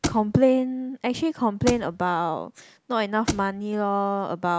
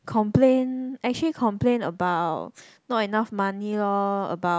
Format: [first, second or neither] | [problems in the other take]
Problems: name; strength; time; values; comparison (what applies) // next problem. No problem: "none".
second | background sound (Thump, thud); 7 dB below the speech